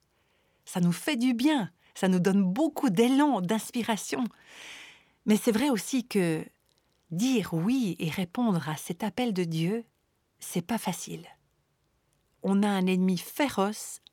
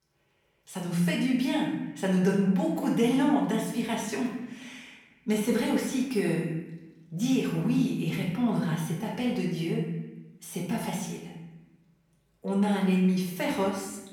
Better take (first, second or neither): first